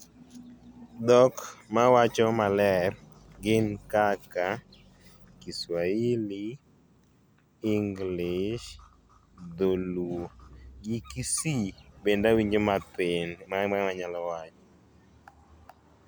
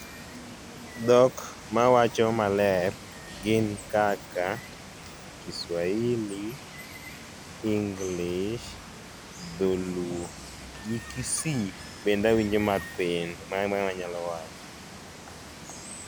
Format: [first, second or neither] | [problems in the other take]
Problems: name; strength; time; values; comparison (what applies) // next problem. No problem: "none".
first | background sound (Water); 14 dB below the speech